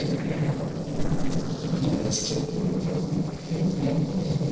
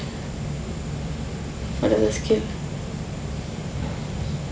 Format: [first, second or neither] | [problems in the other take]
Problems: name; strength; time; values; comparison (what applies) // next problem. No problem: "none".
second | noise reduction (neural separator model SepFormer DNS4)